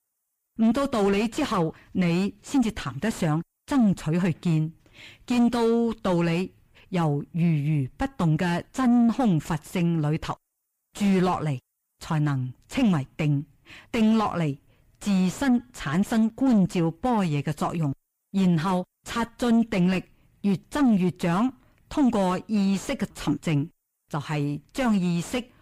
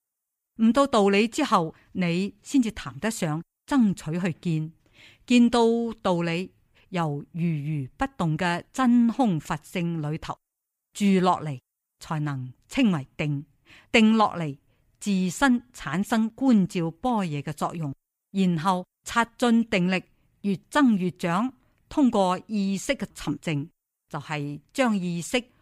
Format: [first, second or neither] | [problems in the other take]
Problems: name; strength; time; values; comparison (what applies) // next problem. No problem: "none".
second | distortion; heavy; 7 dB below the speech